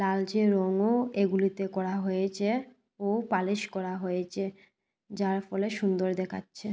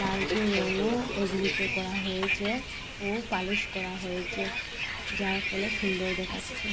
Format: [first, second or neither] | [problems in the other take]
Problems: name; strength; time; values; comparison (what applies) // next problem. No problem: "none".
first | background sound (Bus); as loud as the speech